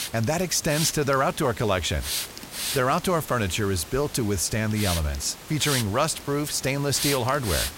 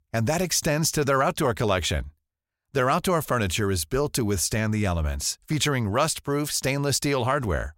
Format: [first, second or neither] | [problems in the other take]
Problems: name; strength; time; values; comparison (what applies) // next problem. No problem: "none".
second | hiss; loud; throughout; 7 dB below the speech